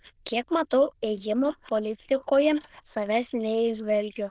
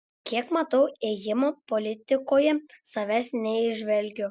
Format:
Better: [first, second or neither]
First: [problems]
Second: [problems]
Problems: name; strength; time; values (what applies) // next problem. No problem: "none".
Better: second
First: noise reduction (neural diffusion model UNIVERSE++)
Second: none